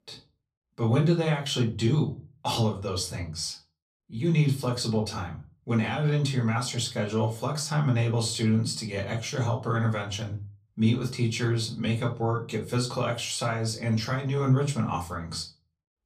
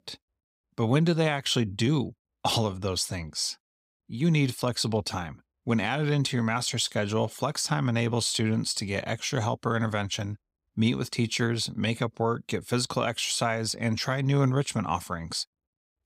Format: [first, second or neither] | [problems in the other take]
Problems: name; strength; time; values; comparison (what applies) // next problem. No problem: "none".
second | off-mic speech; far // room echo; very slight; dies away in 0.3 s